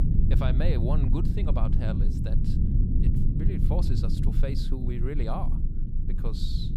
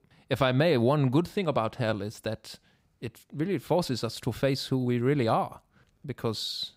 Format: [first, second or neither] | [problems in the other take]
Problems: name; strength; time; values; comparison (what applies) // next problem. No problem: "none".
second | low rumble; loud; throughout; 2 dB below the speech